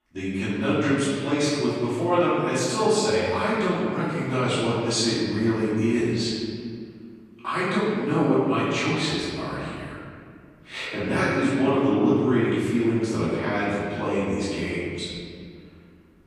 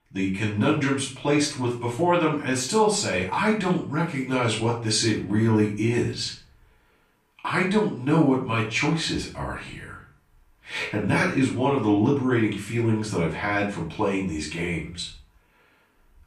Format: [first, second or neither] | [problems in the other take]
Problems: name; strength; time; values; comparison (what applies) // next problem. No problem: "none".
second | room echo; strong; dies away in 2.1 s; slight in the second // off-mic speech; far; far in the second